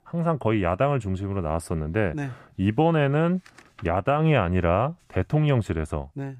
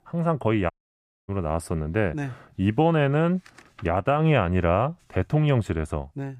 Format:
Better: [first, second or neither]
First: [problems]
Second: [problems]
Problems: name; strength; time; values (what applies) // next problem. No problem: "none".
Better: first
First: none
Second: audio cutting out; at 0.5 s for 0.5 s